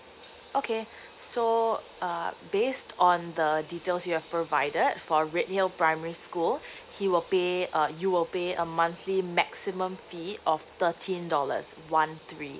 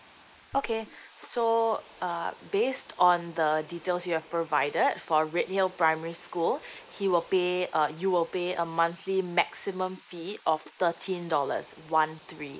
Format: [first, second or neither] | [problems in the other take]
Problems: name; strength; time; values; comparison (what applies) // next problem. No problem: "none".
first | noise reduction (neural mask model Resemble Enhance denoiser)